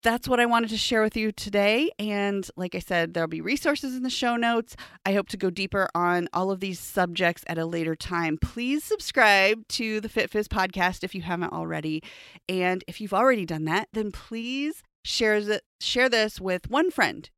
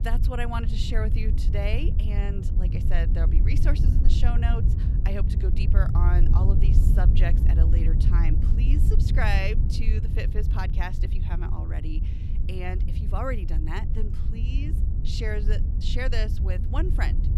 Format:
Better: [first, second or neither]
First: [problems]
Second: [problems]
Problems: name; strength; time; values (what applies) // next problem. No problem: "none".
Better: first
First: none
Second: wind noise on the microphone; heavy; 6 dB below the speech